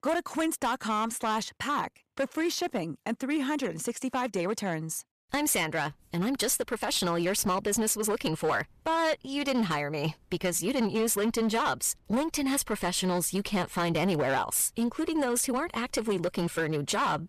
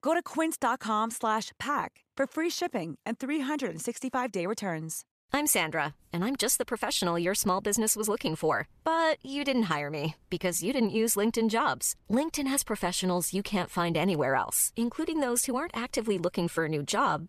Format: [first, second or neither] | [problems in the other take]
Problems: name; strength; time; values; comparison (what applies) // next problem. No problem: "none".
second | distortion; slight; 10% of the sound clipped